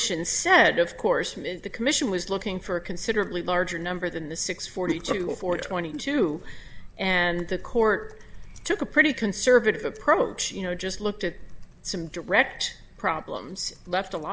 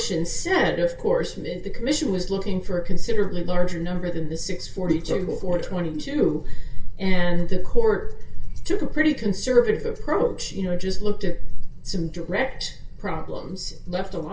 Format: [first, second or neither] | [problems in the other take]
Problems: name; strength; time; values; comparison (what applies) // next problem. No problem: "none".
first | room echo; dies away in 0.2 s